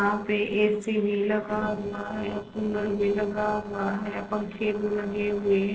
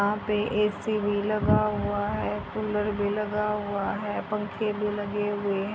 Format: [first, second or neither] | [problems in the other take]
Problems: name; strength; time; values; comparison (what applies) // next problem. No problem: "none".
second | noise reduction (neural separator model SepFormer DNS4)